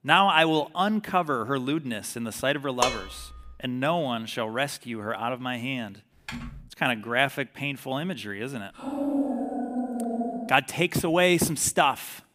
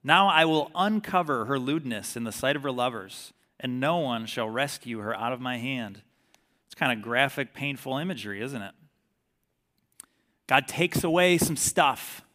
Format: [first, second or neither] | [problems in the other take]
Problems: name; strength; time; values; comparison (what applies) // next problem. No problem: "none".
second | clattering dishes; noticeable; at 3 s; peak 2 dB below the speech // keyboard typing; faint; at 6.5 s; peak 10 dB below the speech // dog barking; noticeable; from 9 to 11 s; peak 1 dB below the speech